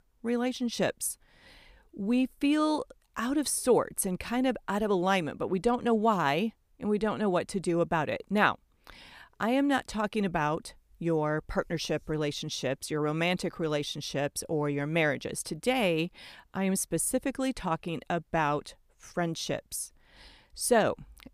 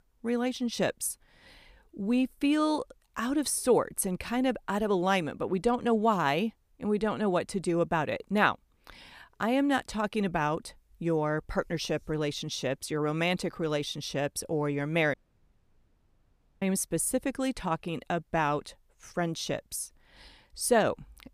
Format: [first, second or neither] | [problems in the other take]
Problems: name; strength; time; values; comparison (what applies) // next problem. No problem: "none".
first | audio cutting out; at 15 s for 1.5 s